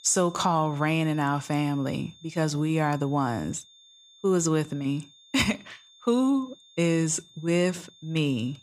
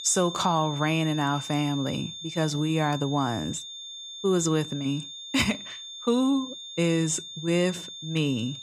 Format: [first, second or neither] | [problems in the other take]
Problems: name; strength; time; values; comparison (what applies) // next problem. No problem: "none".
first | high-pitched whine; loud; throughout; 3.5 kHz, 10 dB below the speech; faint in the first